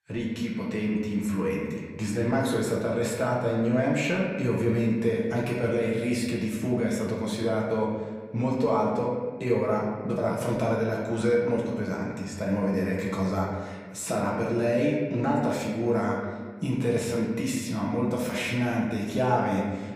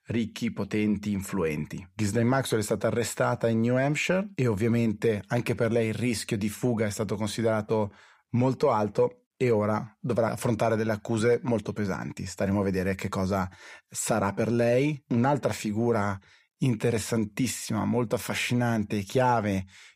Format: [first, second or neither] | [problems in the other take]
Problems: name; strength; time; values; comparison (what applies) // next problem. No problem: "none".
second | room echo; noticeable; dies away in 1.4 s // off-mic speech; far